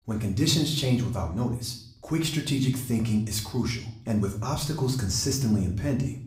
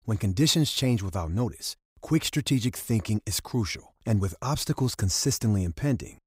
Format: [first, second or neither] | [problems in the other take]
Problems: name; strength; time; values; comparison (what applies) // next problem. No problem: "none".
second | room echo; slight; dies away in 0.5 s // off-mic speech; somewhat distant